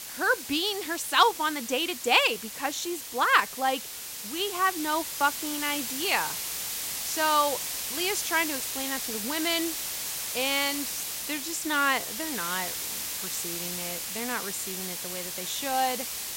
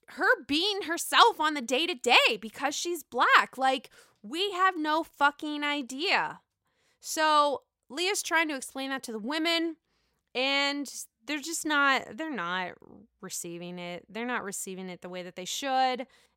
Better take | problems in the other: second | hiss; loud; throughout; 4 dB below the speech

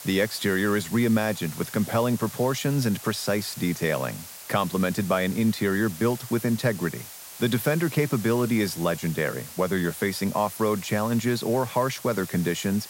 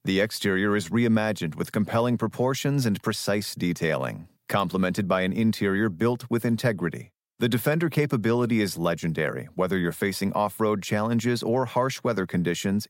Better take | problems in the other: second | hiss; noticeable; throughout; 15 dB below the speech

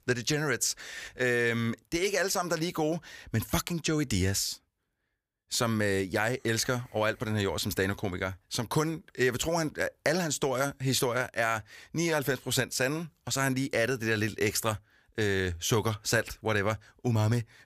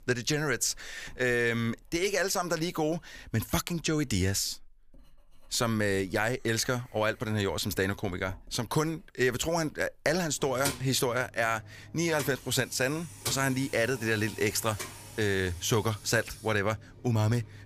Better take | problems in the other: first | household noises; noticeable; throughout; 15 dB below the speech

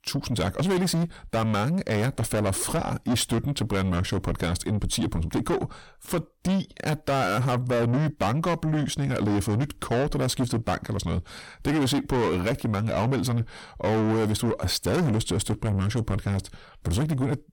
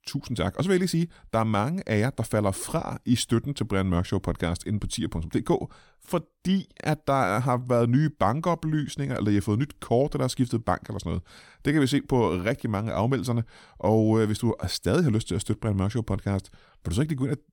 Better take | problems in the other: second | distortion; heavy; 6 dB below the speech

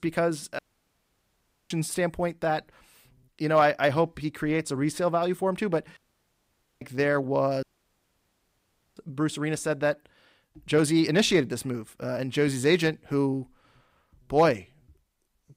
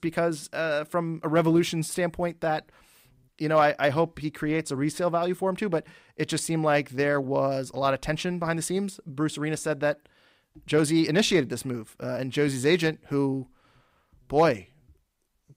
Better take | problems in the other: second | audio cutting out; at 0.5 s for 1 s, at 6 s for 1 s and at 7.5 s for 1.5 s

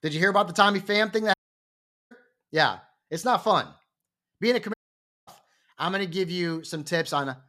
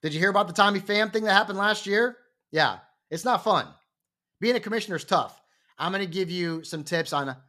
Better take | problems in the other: second | audio cutting out; at 1.5 s for 1 s and at 4.5 s for 0.5 s

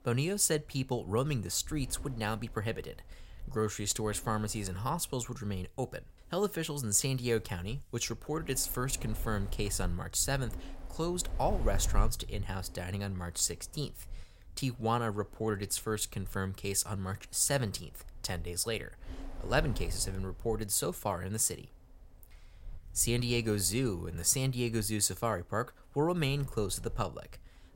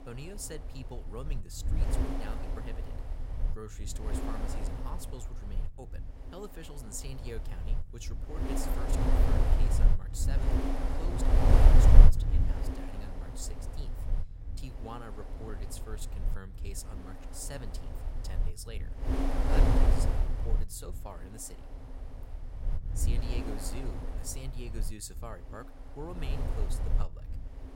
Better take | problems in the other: first | wind noise on the microphone; heavy; 5 dB above the speech; occasional gusts in the first

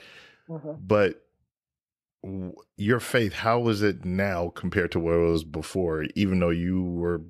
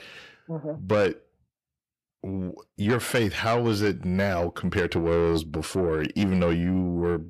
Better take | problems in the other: first | distortion; slight; 10 dB below the speech

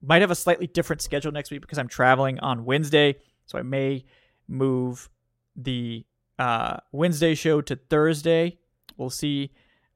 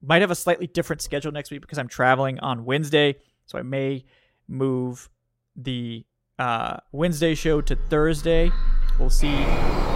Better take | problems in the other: first | animal sounds; loud; from 7.5 s on; 4 dB below the speech

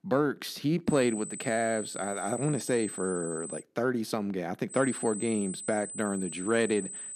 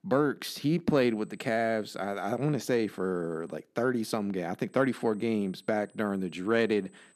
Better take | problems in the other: second | high-pitched whine; loud; from 1 to 3.5 s and from 4.5 s on; 8 kHz, 8 dB below the speech; faint in the second

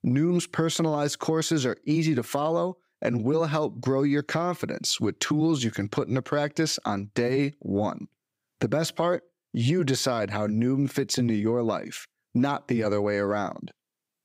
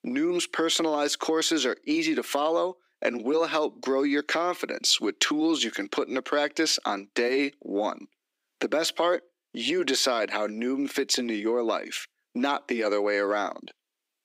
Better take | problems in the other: first | thin; very slightly; fading below 250 Hz

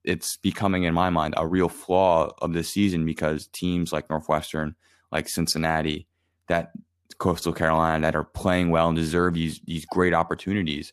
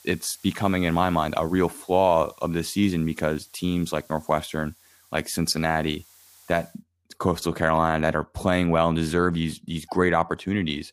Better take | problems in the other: first | hiss; faint; until 6.5 s; 25 dB below the speech

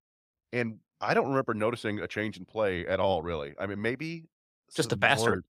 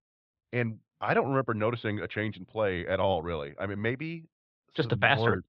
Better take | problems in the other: first | muffled; slightly; fading above 3.5 kHz

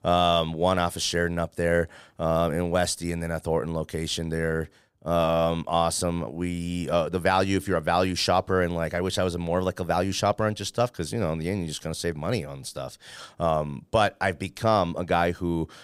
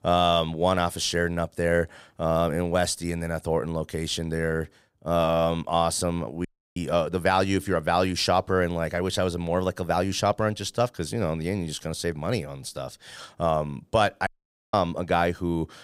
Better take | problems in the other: first | audio cutting out; at 6.5 s and at 14 s

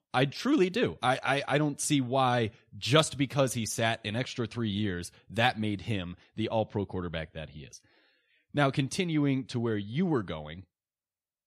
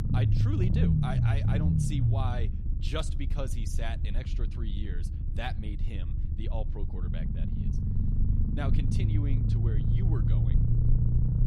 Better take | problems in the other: first | low rumble; loud; throughout; 1 dB below the speech

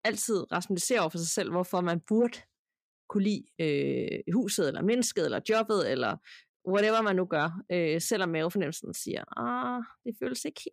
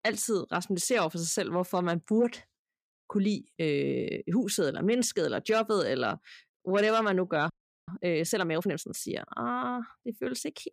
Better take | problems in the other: first | audio freezing; at 7.5 s

